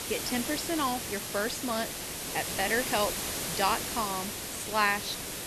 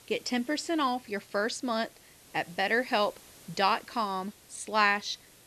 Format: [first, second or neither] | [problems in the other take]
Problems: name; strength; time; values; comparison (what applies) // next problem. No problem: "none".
second | hiss; loud; throughout; 2 dB below the speech; faint in the second